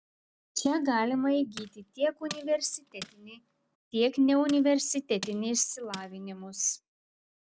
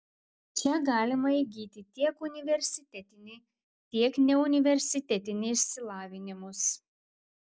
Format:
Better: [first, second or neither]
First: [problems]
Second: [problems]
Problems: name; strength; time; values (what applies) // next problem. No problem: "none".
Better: second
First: background sound (Tools); 17 dB below the speech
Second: none